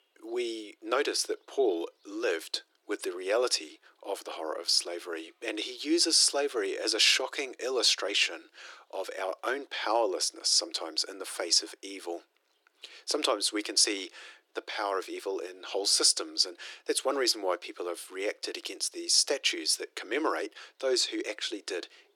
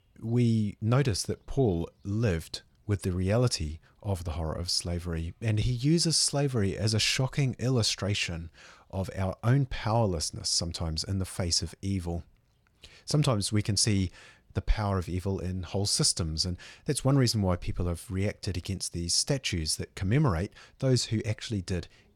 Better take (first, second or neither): second